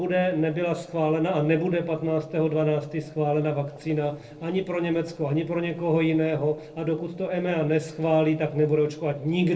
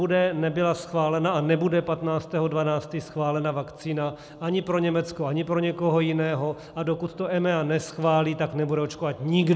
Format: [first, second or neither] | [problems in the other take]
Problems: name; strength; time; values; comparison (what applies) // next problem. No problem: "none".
second | noise reduction (neural separator model SepFormer DNS4)